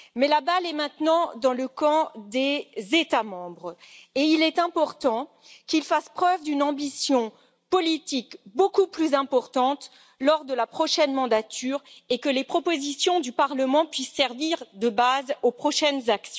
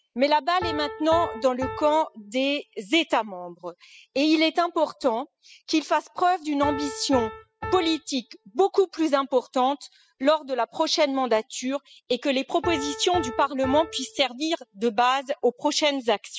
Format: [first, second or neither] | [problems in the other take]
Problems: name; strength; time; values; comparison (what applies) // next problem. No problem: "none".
first | noise reduction (classical method spectral subtraction)